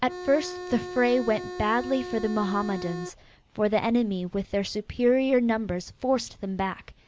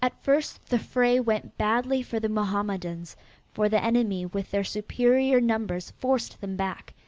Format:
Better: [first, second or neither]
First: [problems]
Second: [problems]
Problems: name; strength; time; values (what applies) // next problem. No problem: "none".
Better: second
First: background sound (Organ); 10 dB below the speech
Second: none